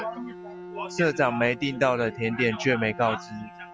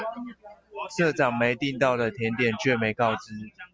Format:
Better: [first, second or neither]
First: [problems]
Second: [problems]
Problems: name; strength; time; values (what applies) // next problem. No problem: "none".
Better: second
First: background sound (Bowed string instrument); 16 dB below the speech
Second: none